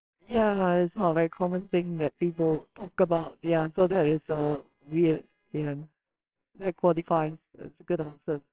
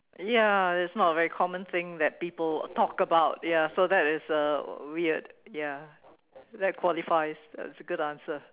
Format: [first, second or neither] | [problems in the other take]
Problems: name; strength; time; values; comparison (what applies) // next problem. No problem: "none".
second | noise reduction (neural separator model SepFormer WHAMR!)